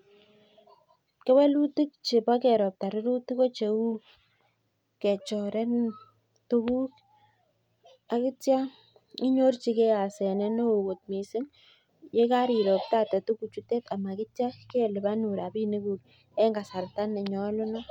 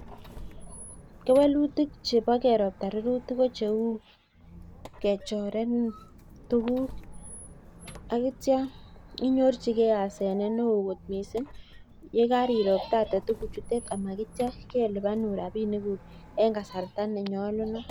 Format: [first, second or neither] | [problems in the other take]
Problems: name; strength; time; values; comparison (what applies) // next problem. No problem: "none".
first | background sound (Squeak); 18 dB below the speech